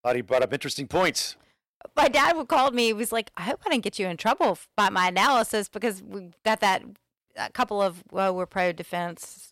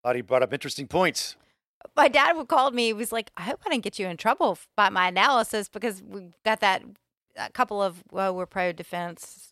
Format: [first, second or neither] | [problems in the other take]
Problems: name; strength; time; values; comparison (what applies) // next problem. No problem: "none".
second | distortion; slight; 3% of the sound clipped